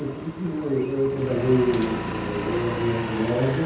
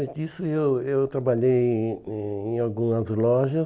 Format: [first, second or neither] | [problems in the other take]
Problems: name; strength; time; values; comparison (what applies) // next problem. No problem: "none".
second | background sound (Engine); 7 dB below the speech // room echo; dies away in 0.8 s